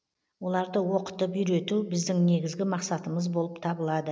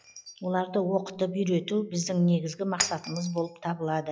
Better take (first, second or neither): first